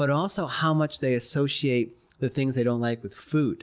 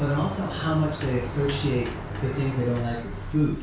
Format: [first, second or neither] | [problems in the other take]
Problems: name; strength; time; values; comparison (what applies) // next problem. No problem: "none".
first | background sound (Sliding door); 7 dB below the speech // room echo; dies away in 0.4 s